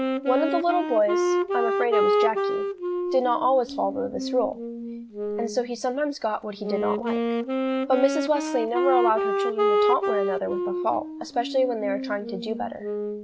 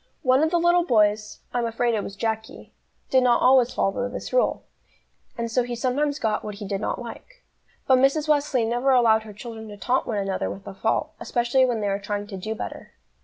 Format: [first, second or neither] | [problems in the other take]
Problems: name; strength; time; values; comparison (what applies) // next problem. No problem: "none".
second | background sound (Wind instrument, woodwind instrument); as loud as the speech